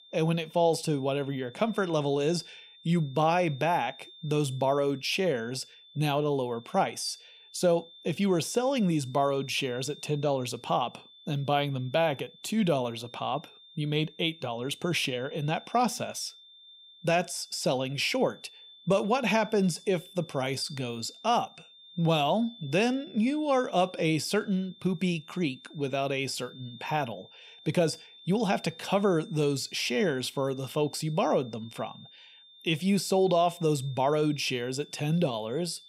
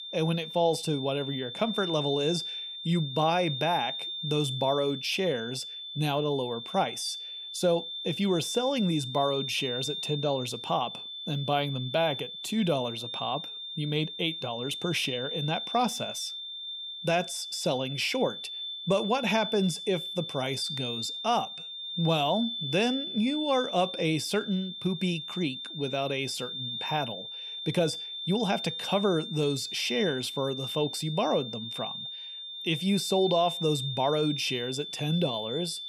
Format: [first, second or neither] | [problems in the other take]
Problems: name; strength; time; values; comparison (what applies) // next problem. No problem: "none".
first | high-pitched whine; loud; throughout; 3.5 kHz, 5 dB below the speech; faint in the first